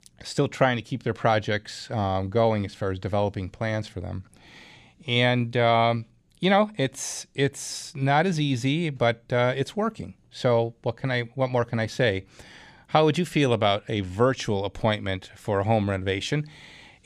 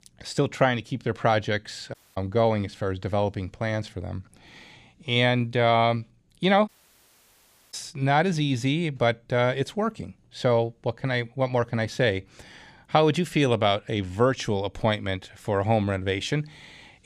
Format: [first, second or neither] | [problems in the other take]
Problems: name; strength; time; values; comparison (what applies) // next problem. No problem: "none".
first | audio cutting out; at 2 s and at 6.5 s for 1 s